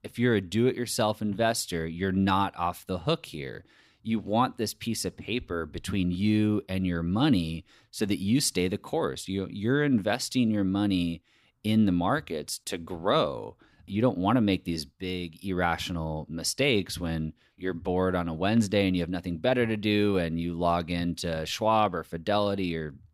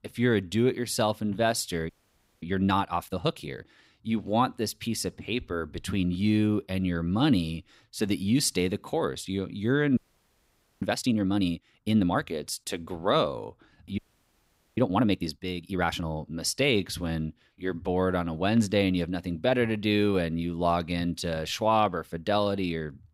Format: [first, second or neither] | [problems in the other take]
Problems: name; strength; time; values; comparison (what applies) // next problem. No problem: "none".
first | audio freezing; at 2 s for 0.5 s, at 10 s for 1 s and at 14 s for 1 s